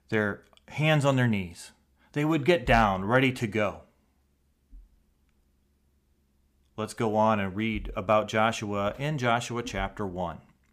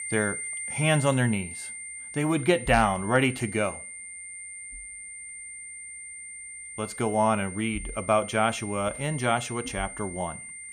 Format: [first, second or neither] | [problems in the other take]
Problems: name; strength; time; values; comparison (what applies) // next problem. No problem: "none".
first | high-pitched whine; loud; throughout; 9 kHz, 10 dB below the speech